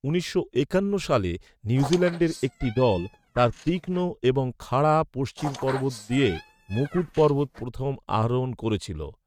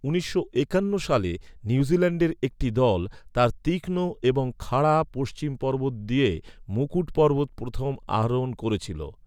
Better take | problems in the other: second | noise reduction (neural mask model RNNoise)

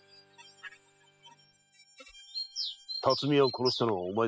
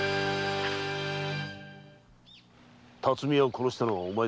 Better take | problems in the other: second | noise reduction (classical method spectral subtraction)

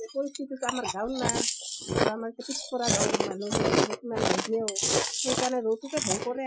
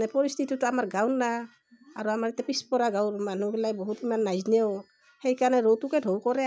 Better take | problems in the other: second | noise reduction (classical method Wiener filter)

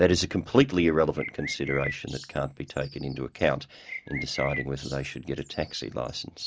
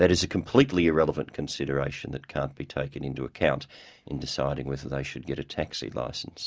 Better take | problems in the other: second | background sound (Bird); 12 dB below the speech

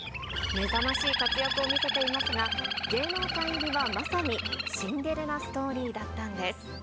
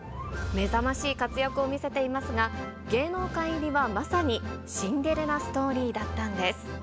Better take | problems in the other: second | background sound (Bird); 1 dB below the speech

